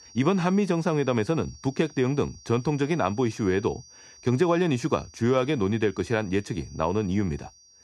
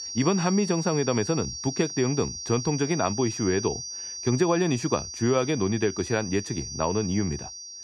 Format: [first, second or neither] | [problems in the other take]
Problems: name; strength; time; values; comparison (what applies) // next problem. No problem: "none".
first | high-pitched whine; loud; throughout; 6 kHz, 8 dB below the speech; faint in the first